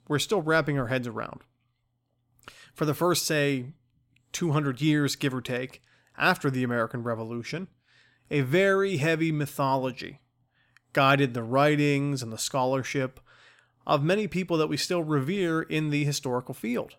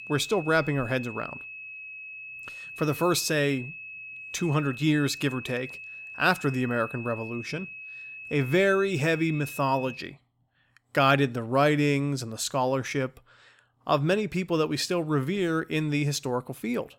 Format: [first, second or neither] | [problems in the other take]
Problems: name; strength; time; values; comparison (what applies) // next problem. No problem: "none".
first | high-pitched whine; noticeable; until 10 s; 2.5 kHz, 10 dB below the speech